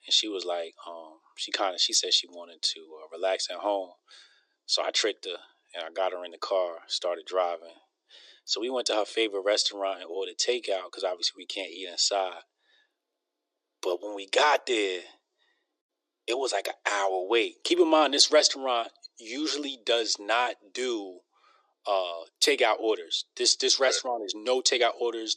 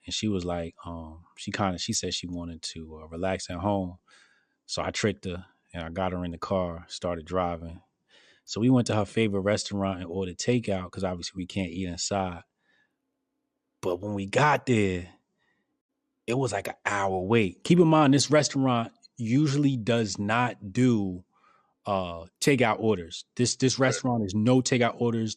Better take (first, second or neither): second